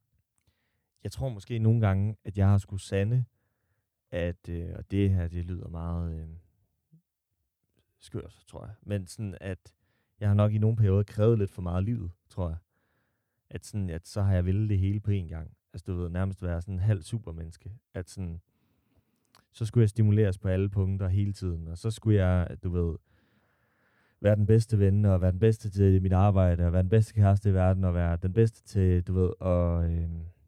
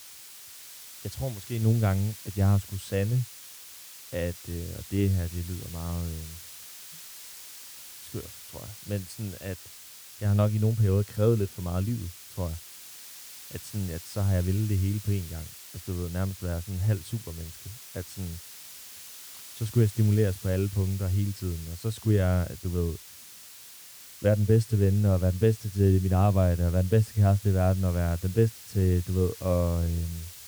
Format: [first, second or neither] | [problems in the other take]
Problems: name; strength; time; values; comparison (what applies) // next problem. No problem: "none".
first | hiss; noticeable; throughout; 15 dB below the speech